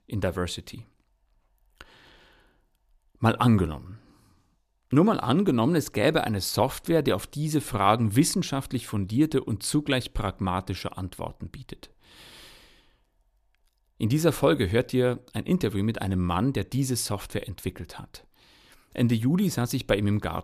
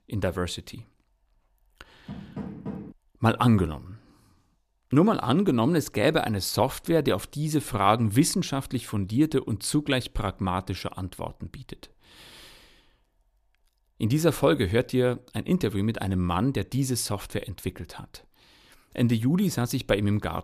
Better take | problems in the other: first | door banging; faint; at 2 s; peak 10 dB below the speech

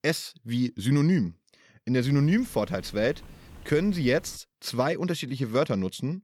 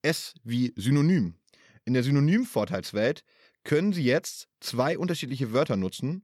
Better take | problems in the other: second | hiss; faint; from 2 to 4.5 s; 25 dB below the speech

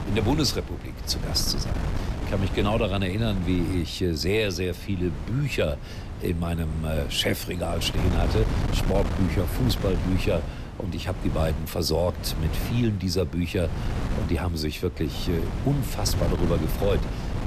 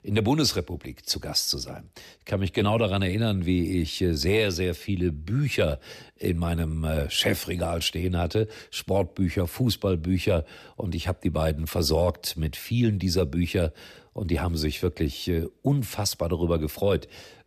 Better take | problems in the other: second | wind noise on the microphone; heavy; 9 dB below the speech

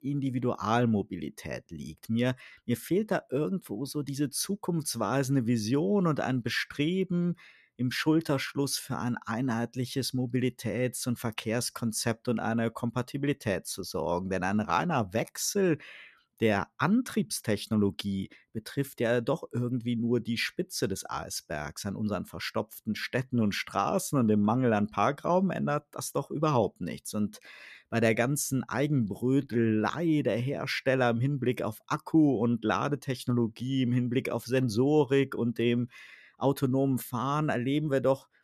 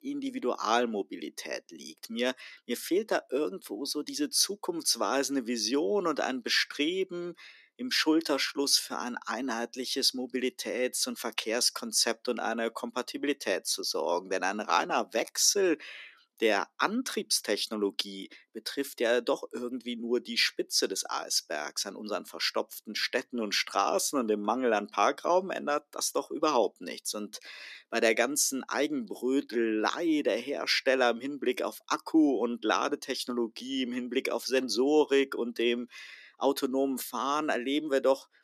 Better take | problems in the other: first | thin; somewhat; fading below 300 Hz

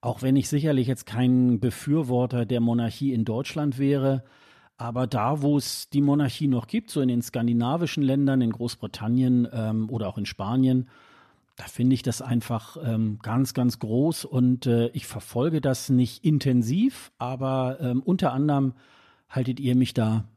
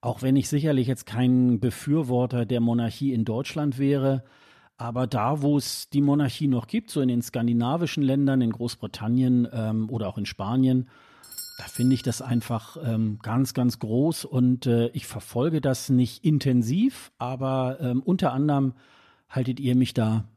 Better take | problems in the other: first | doorbell; faint; at 11 s; peak 10 dB below the speech

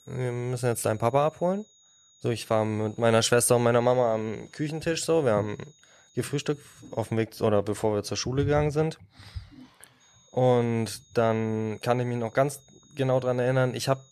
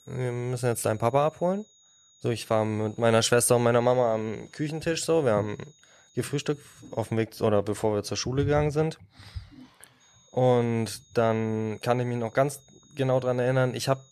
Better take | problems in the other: neither | high-pitched whine; faint; until 7 s and from 10 s on; 6.5 kHz, 30 dB below the speech; the same in both

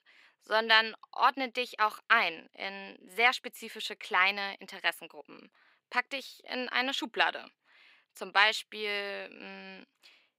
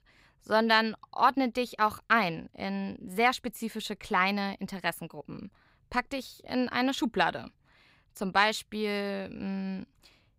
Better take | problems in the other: second | thin; somewhat; fading below 300 Hz

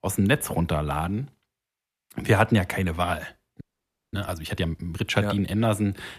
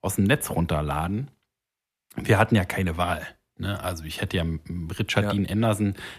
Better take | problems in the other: second | audio freezing; at 3.5 s for 0.5 s

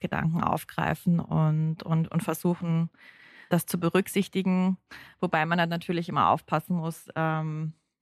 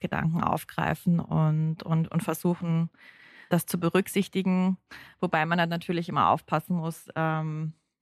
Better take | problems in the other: neither | none

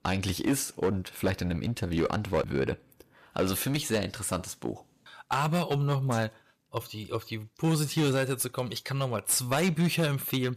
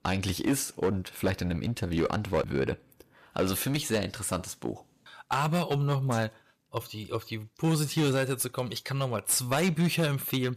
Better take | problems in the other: neither | distortion; slight; 6% of the sound clipped; the same in both

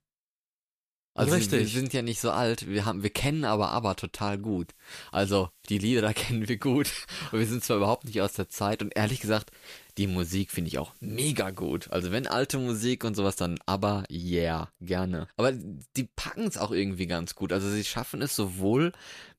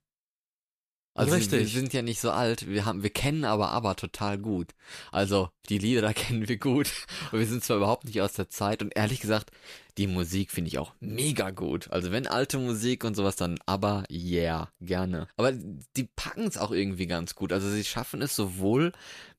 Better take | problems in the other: second | hiss; faint; from 4.5 to 12 s; 25 dB below the speech

